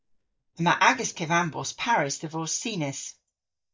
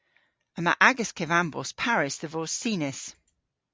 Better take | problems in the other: second | noise reduction (neural mask model DeepFilterNet 3)

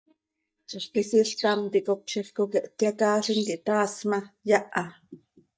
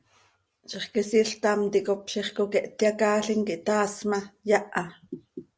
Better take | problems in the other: second | noise reduction (neural mask model DeepFilterNet 3)

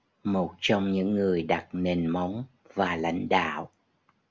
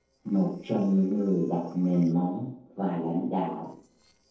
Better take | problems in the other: first | noise reduction (neural separator model SepFormer DNS4)

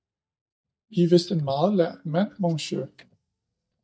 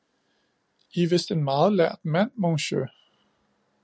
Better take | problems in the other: second | noise reduction (neural mask model DeepFilterNet 3)

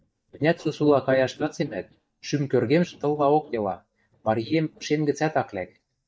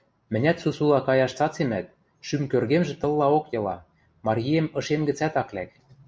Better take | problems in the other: second | noise reduction (neural mask model DeepFilterNet 3)

